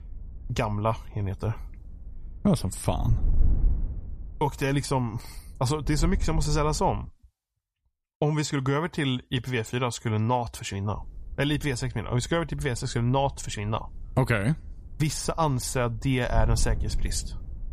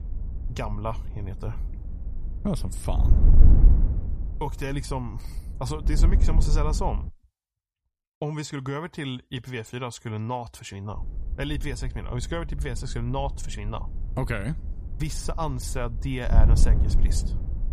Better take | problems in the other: first | wind noise on the microphone; heavy; until 7 s and from 11 s on; 10 dB below the speech; occasional gusts in the first

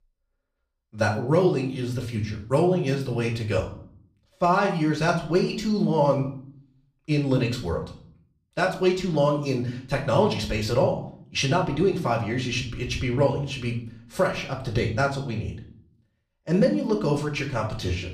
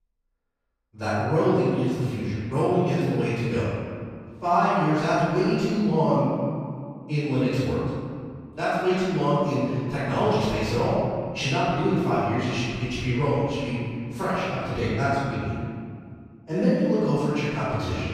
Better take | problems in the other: first | room echo; strong; dies away in 2.1 s; slight in the first // off-mic speech; far; far in the first

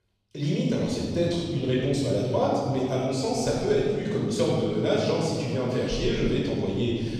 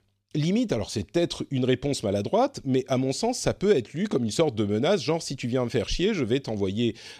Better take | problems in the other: second | room echo; strong; dies away in 2.4 s // off-mic speech; far

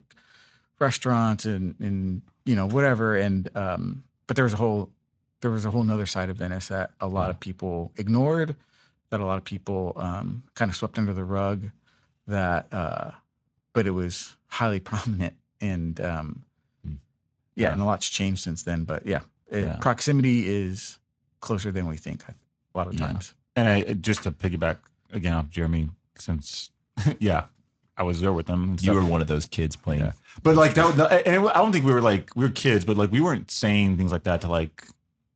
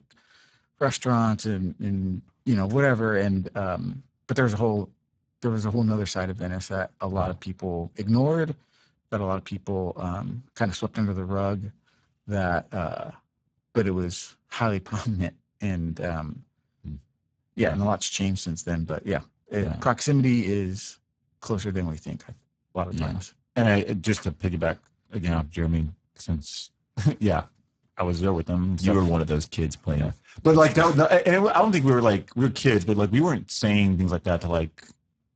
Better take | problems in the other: first | garbled, watery; badly; nothing above 7.5 kHz; slightly in the first

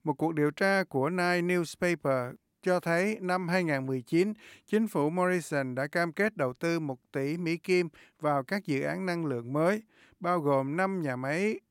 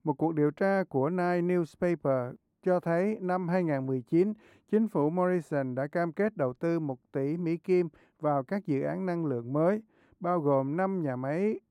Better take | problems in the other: first | muffled; slightly; fading above 1.5 kHz

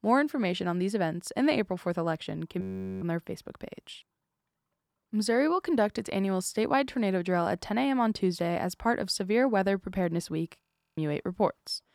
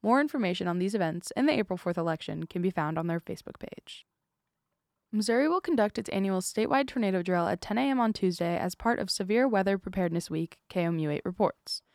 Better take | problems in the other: second | audio freezing; at 2.5 s and at 11 s

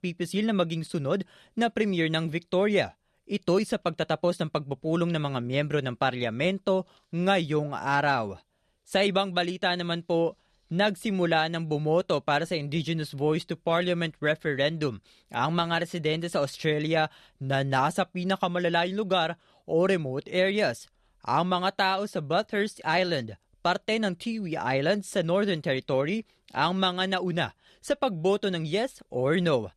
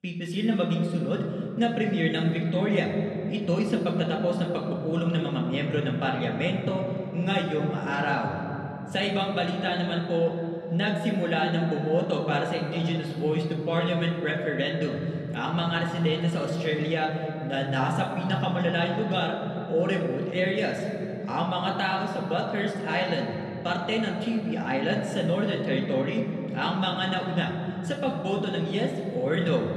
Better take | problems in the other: first | room echo; noticeable; dies away in 3 s // off-mic speech; somewhat distant

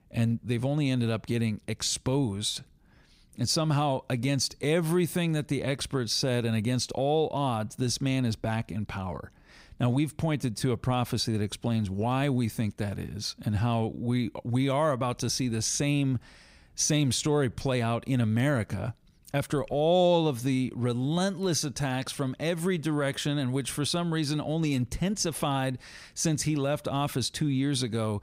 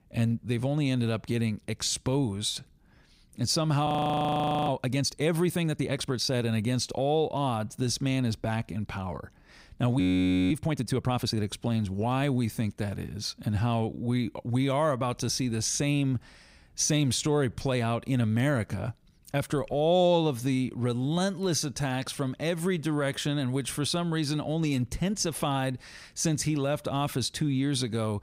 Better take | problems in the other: first | audio freezing; at 4 s for 1 s and at 10 s for 0.5 s

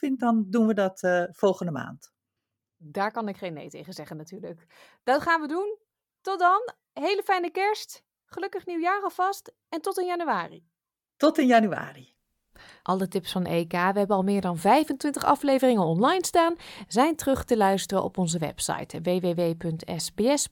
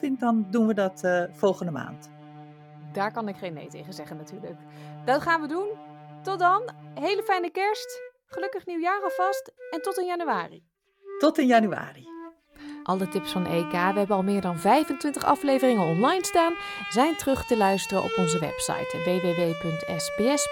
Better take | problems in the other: first | background music; noticeable; throughout; 10 dB below the speech

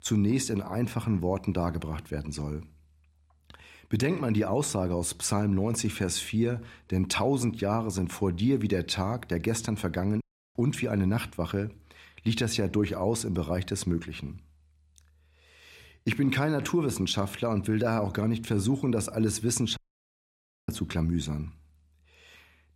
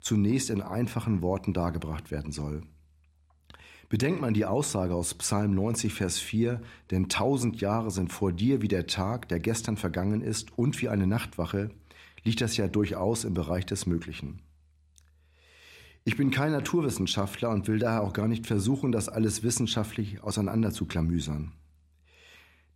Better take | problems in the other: second | audio cutting out; at 10 s and at 20 s for 1 s

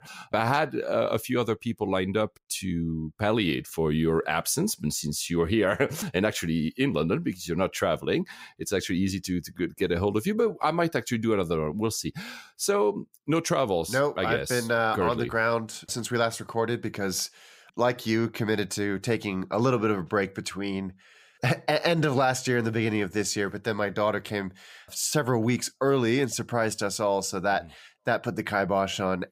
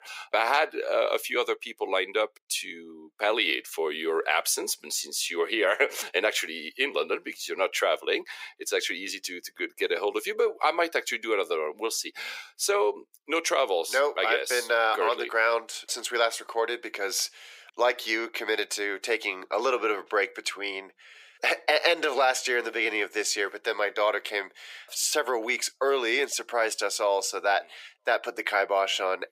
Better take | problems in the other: first | thin; very; fading below 400 Hz

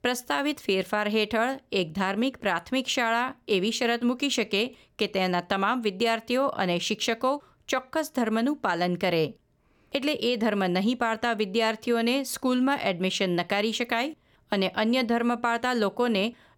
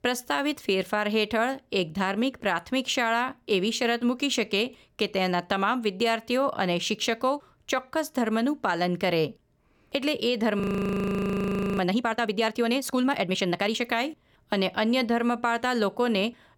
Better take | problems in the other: first | audio freezing; at 11 s for 1 s

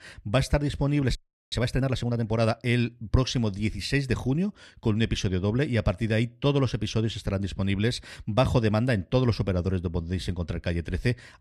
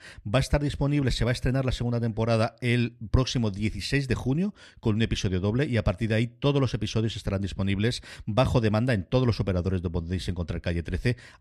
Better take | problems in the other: second | audio freezing; at 1 s

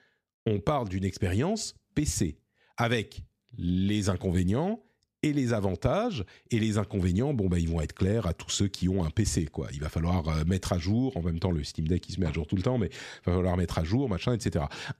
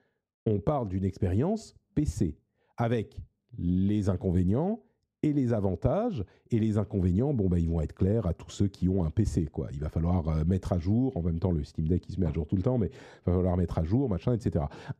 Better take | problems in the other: first | muffled; slightly; fading above 1 kHz

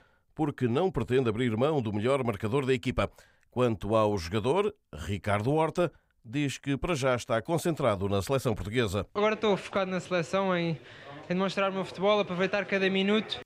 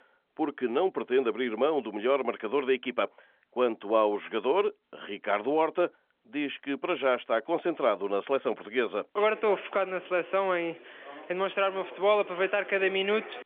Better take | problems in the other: first | phone-call audio; nothing above 3.5 kHz

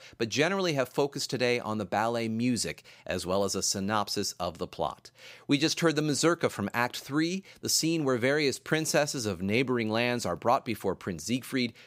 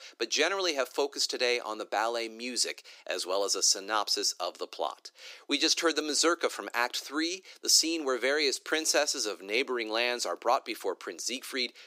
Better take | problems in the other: first | thin; somewhat; fading below 300 Hz

